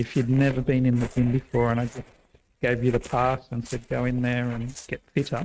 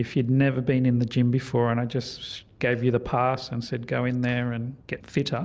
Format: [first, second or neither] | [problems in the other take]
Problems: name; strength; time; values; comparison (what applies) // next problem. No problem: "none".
second | noise reduction (neural mask model RNNoise)